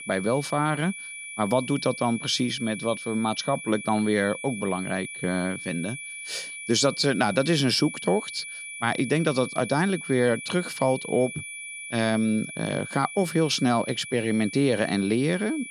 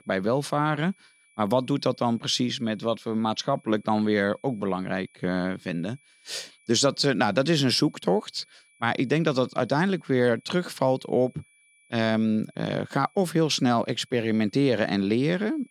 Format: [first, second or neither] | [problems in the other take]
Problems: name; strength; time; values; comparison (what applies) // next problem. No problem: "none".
second | high-pitched whine; loud; throughout; 2.5 kHz, 10 dB below the speech; faint in the second